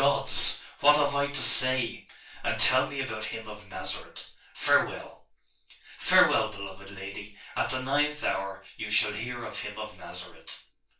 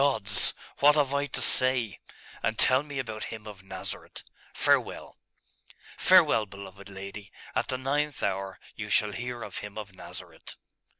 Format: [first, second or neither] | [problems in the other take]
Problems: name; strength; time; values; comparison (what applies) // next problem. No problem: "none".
second | room echo; dies away in 0.3 s